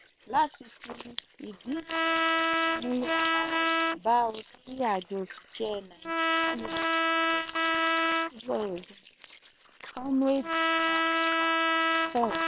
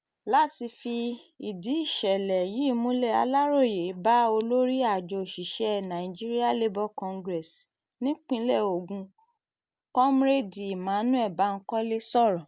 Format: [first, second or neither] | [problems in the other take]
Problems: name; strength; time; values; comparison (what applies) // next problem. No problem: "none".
second | noise reduction (neural separator model SepFormer WHAM!)